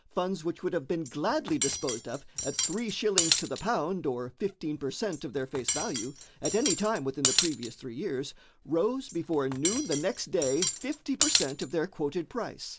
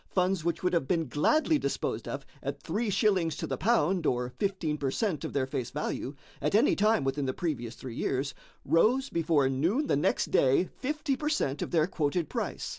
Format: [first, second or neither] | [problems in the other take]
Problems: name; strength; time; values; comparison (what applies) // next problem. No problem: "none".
second | background sound (Cutlery, silverware); 2 dB below the speech